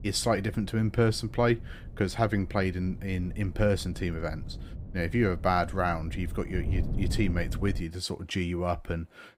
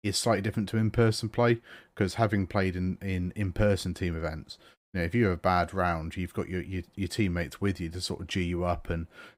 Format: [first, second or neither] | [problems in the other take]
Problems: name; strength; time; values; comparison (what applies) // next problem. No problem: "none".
second | wind noise on the microphone; occasional gusts; until 8 s; 20 dB below the speech